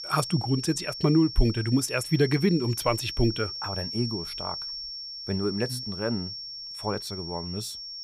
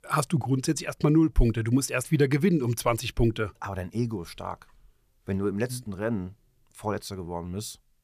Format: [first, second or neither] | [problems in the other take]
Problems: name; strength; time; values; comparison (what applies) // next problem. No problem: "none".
second | high-pitched whine; loud; throughout; 5.5 kHz, 7 dB below the speech